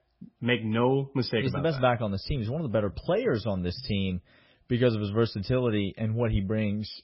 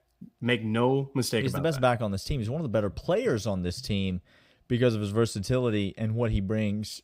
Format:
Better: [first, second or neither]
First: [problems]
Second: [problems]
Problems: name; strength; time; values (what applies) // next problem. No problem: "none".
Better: second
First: garbled, watery; badly; nothing above 5.5 kHz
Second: none